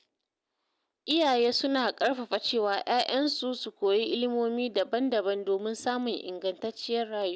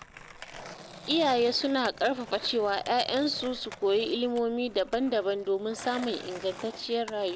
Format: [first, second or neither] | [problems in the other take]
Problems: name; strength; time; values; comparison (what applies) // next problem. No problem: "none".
first | background sound (Skateboard); 16 dB below the speech